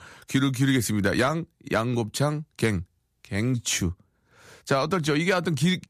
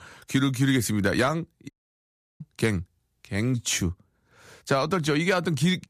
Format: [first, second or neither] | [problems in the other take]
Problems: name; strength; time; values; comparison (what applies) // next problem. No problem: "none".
first | audio cutting out; at 1.5 s for 0.5 s